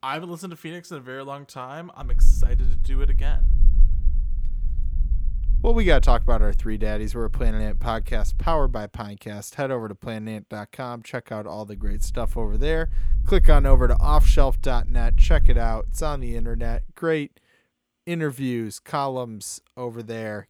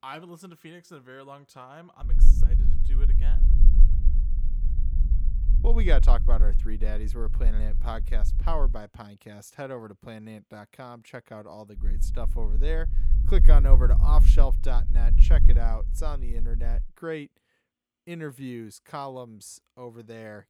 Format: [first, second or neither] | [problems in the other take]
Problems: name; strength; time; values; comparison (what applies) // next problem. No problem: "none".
first | low rumble; loud; from 2 to 8.5 s and from 12 to 17 s; 10 dB below the speech; faint in the first